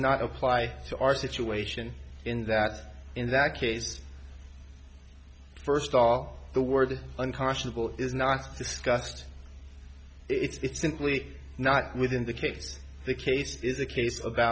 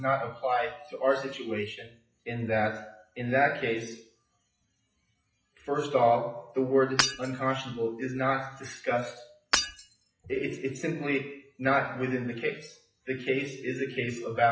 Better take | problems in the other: first | noise reduction (classical method WPE with log-MMSE)

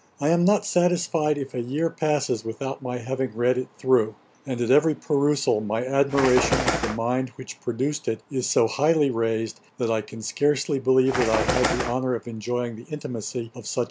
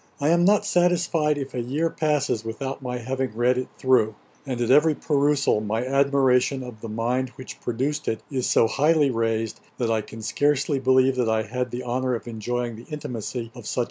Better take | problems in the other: second | background sound (Bird); 1 dB below the speech

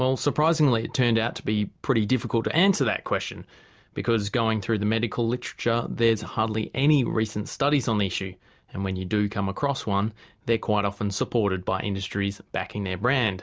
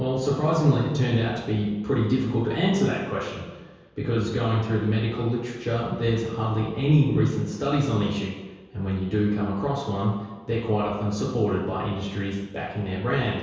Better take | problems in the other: first | room echo; dies away in 1.2 s

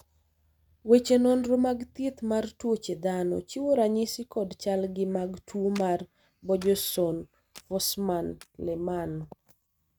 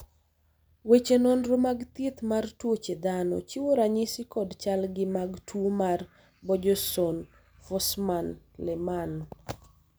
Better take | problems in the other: second | noise reduction (neural mask model RNNoise)

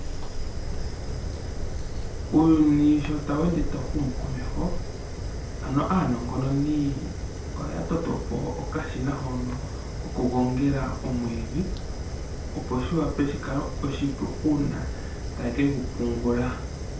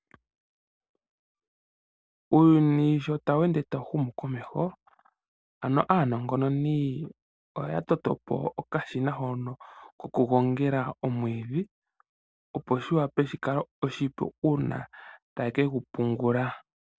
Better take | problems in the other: second | background sound (Fire); 4 dB below the speech // room echo; dies away in 0.4 s

